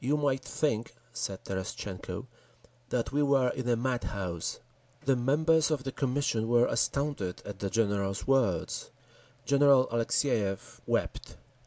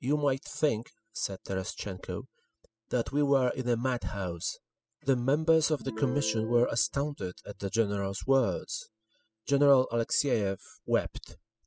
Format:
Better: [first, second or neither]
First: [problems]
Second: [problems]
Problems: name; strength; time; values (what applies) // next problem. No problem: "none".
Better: first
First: none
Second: noise reduction (classical method spectral subtraction)